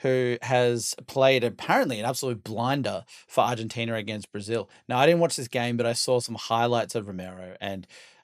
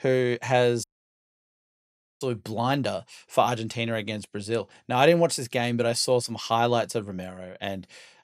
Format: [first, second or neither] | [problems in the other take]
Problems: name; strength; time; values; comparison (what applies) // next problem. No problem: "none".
first | audio cutting out; at 1 s for 1.5 s